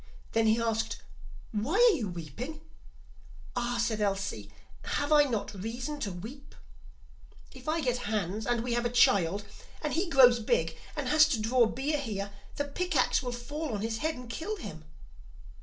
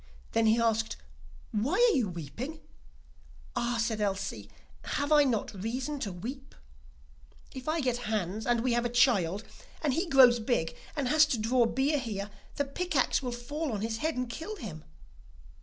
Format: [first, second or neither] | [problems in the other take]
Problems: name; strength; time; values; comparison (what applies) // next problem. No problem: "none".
second | room echo; dies away in 0.2 s